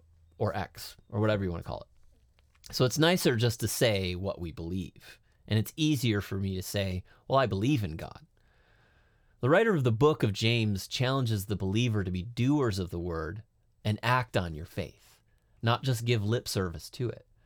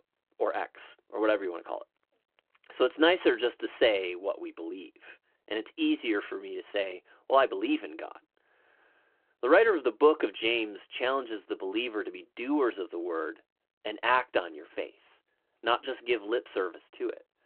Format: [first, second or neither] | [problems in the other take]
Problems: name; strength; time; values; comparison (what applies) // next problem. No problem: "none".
first | phone-call audio